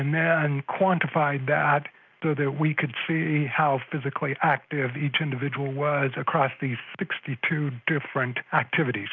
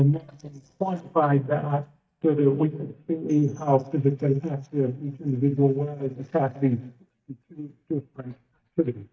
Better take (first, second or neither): first